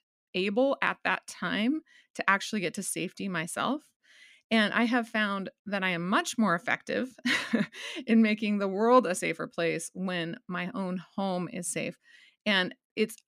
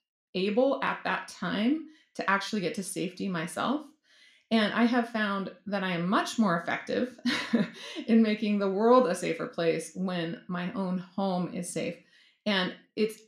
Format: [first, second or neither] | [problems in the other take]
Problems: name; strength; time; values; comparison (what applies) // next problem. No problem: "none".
first | room echo; very slight; dies away in 0.4 s